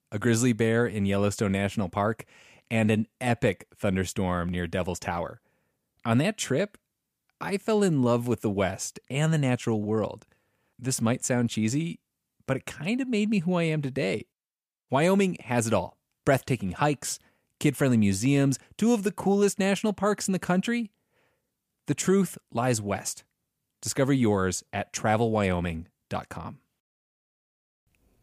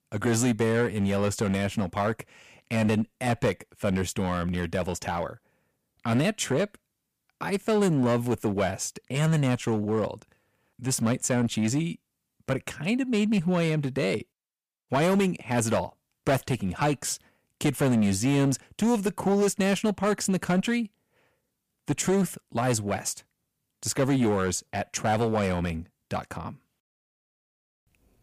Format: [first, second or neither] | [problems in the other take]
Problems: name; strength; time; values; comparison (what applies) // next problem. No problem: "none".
first | distortion; slight; 6% of the sound clipped